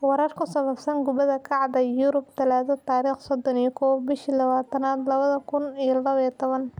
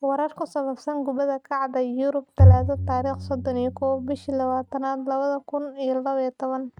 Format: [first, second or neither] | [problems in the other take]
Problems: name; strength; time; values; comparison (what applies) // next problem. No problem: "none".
first | noise reduction (neural mask model RNNoise)